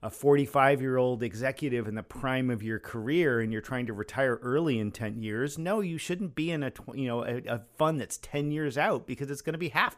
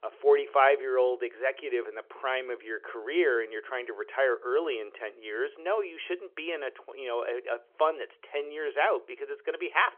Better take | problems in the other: first | phone-call audio; nothing above 3.5 kHz

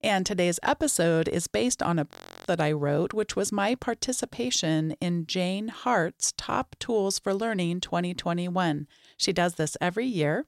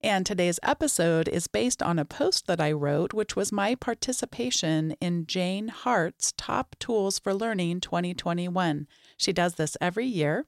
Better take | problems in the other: second | audio freezing; at 2 s

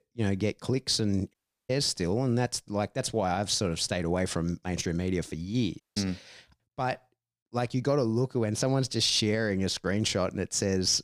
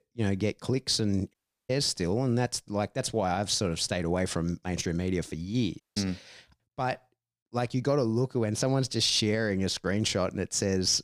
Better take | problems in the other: neither | audio cutting out; at 1.5 s and at 6 s; the same in both

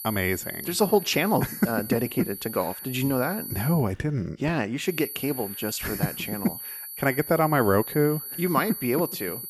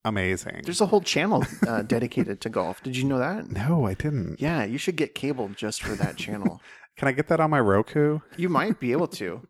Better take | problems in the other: second | high-pitched whine; loud; until 4 s and from 5 s on; 12 kHz, 8 dB below the speech

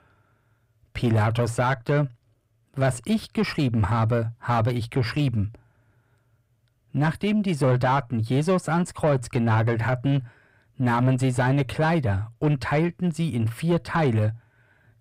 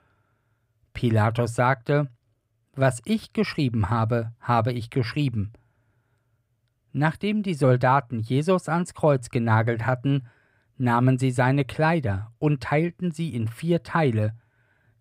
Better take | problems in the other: second | distortion; slight; 9 dB below the speech

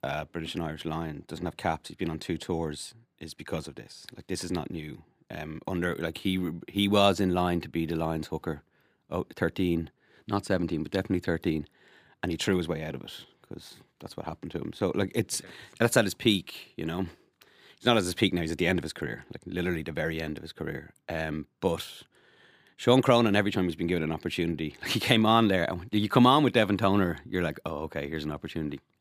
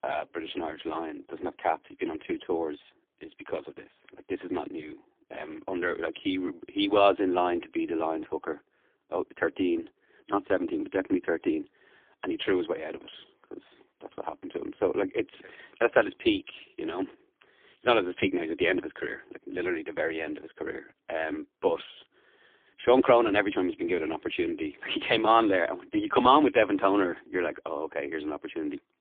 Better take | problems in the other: first | phone-call audio; poor line; nothing above 3.5 kHz

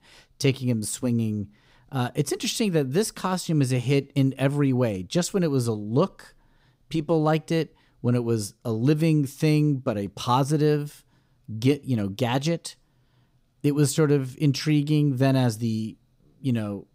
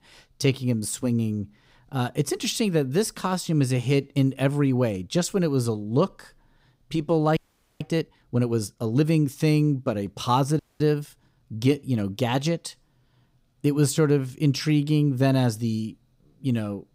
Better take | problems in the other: first | audio freezing; at 7.5 s and at 11 s

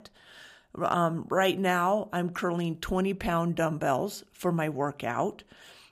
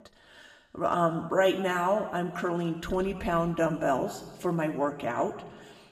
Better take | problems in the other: first | room echo; slight; dies away in 1.4 s // off-mic speech; somewhat distant

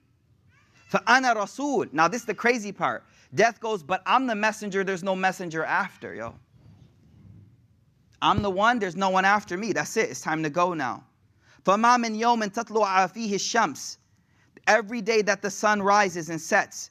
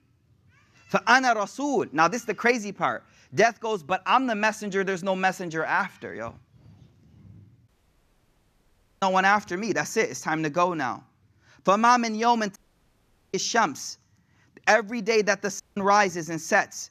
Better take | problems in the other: first | audio cutting out; at 7.5 s for 1.5 s, at 13 s for 1 s and at 16 s

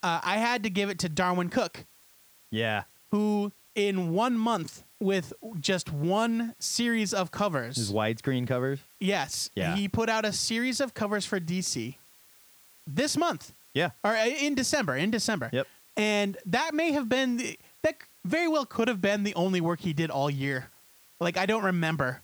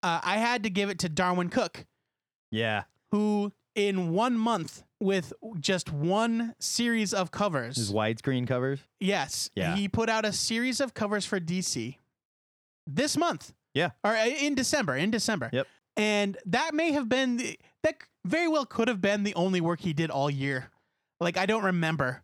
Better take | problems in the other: second | hiss; faint; throughout; 25 dB below the speech

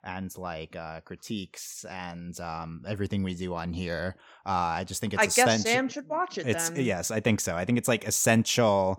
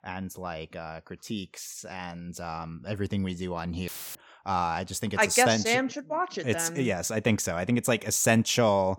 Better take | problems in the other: first | audio cutting out; filled with static; at 4 s

